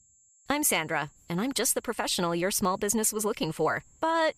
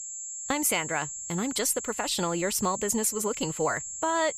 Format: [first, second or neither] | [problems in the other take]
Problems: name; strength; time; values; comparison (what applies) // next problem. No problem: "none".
first | high-pitched whine; loud; throughout; 7.5 kHz, 6 dB below the speech; faint in the first